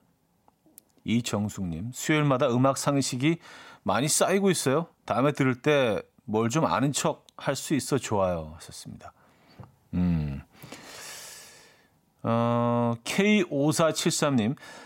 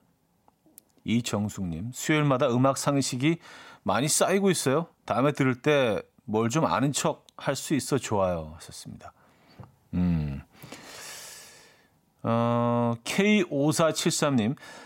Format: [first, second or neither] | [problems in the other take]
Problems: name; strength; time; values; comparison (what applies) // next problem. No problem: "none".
neither | none